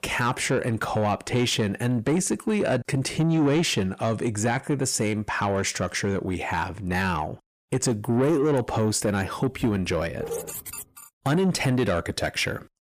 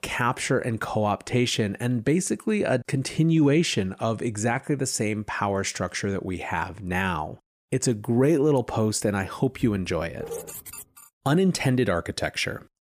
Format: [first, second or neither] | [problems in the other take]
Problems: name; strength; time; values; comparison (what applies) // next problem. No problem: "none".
second | distortion; slight; 10 dB below the speech